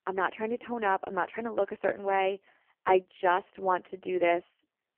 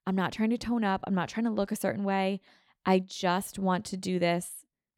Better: second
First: phone-call audio; poor line; nothing above 3 kHz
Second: none

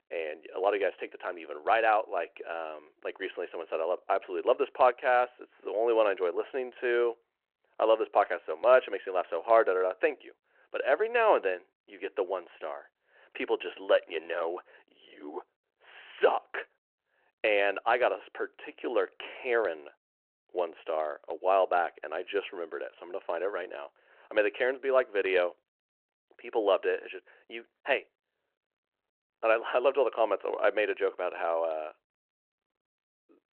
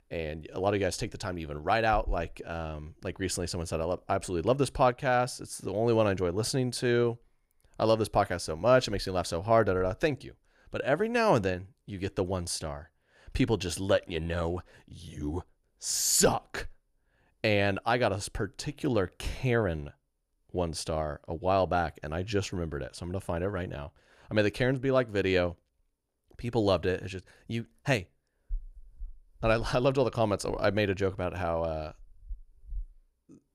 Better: second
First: phone-call audio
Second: none

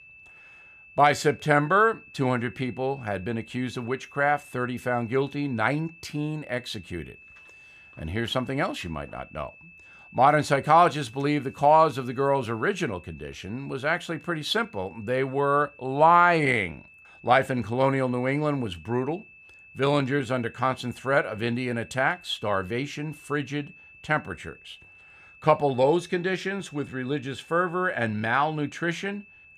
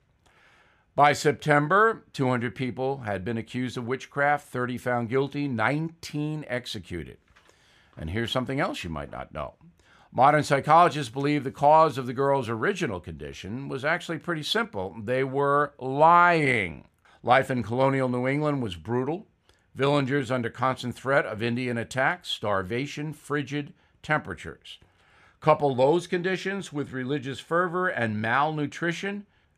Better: second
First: high-pitched whine; faint; throughout; 2.5 kHz, 25 dB below the speech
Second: none

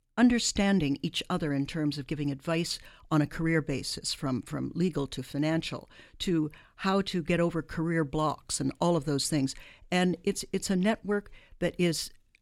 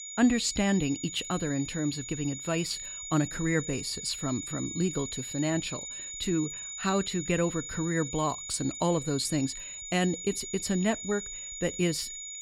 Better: first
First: none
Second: high-pitched whine; loud; throughout; 7 kHz, 7 dB below the speech

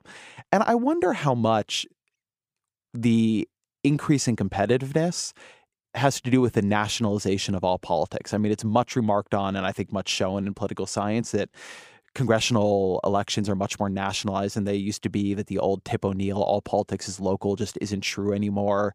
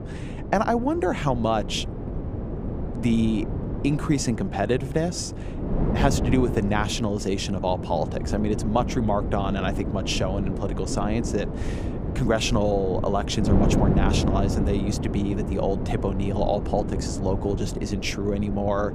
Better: first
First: none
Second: wind noise on the microphone; heavy; 8 dB below the speech

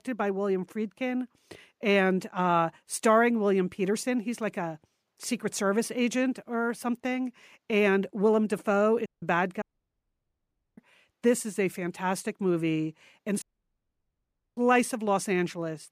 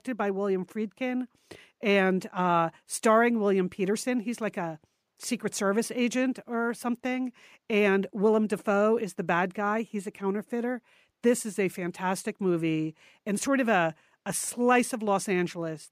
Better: second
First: audio cutting out; at 9 s, at 9.5 s for 1 s and at 13 s for 1 s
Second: none

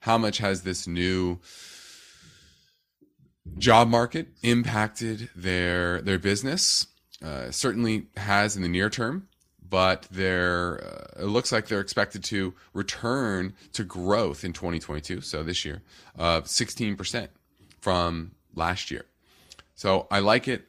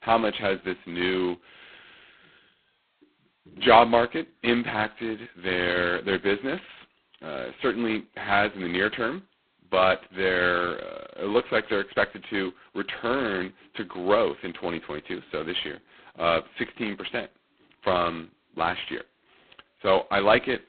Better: first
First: none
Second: phone-call audio; poor line; nothing above 4 kHz

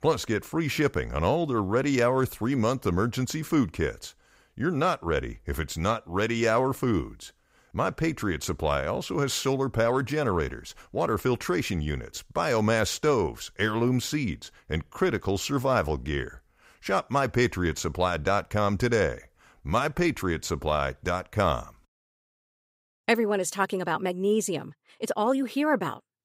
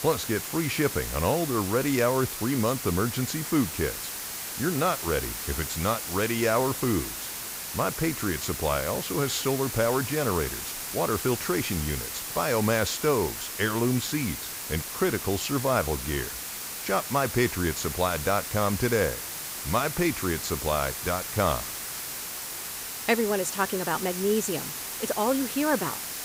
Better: first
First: none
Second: hiss; loud; throughout; 5 dB below the speech

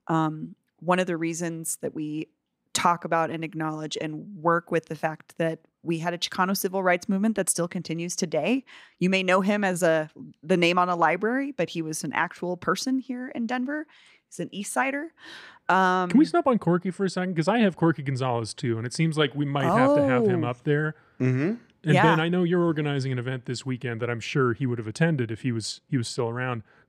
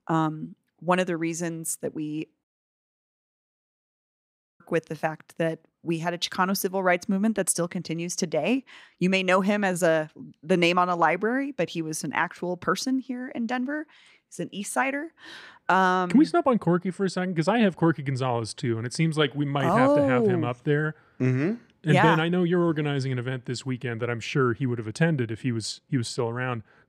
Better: first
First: none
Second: audio cutting out; at 2.5 s for 2 s

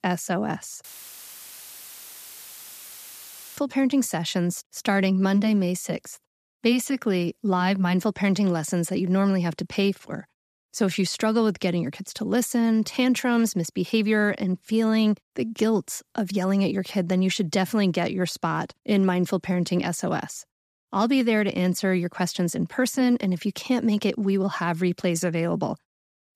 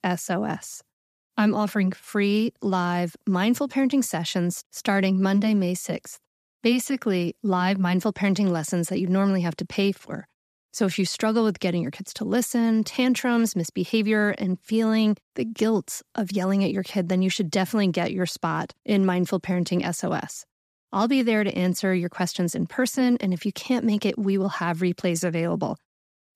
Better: second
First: audio cutting out; filled with static; at 1 s for 2.5 s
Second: none

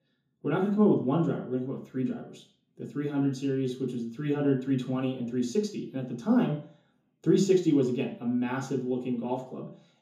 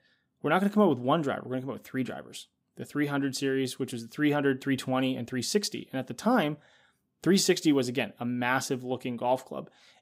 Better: second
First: room echo; slight; dies away in 0.6 s // off-mic speech; far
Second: none

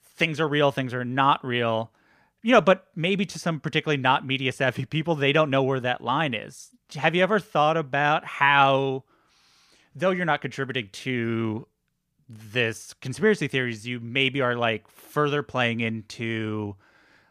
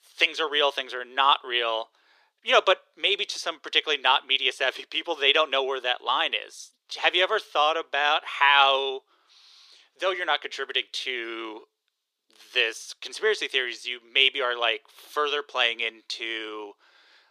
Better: first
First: none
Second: thin; very; fading below 350 Hz

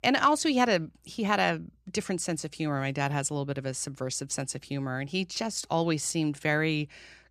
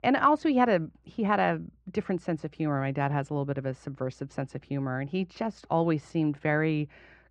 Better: first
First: none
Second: muffled; very; fading above 1.5 kHz

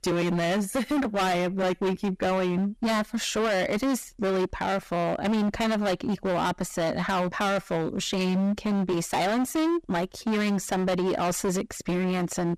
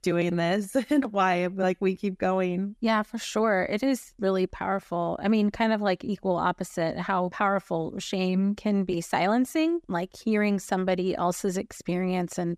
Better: second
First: distortion; heavy; 28% of the sound clipped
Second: none

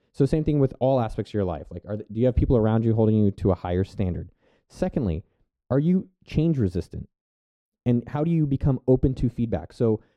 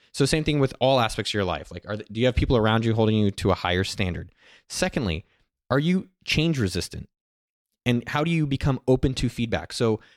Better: second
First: muffled; very; fading above 1 kHz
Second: none

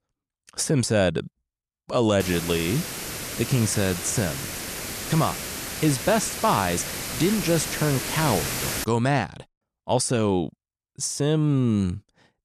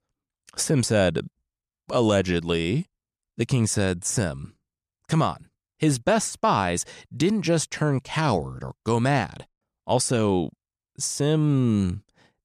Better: second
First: hiss; loud; from 2 to 9 s; 5 dB below the speech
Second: none

